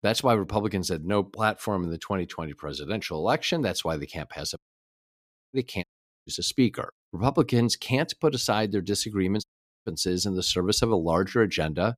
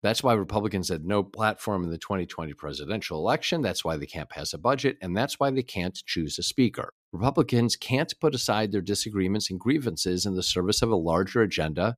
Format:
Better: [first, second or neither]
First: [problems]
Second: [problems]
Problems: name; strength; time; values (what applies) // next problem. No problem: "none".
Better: second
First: audio cutting out; at 4.5 s for 1 s, at 6 s and at 9.5 s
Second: none